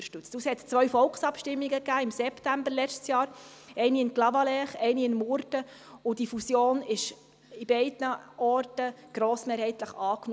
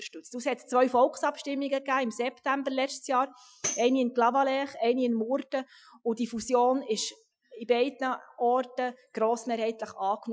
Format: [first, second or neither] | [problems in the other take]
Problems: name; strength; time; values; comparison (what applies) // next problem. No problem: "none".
first | noise reduction (classical method Wiener filter)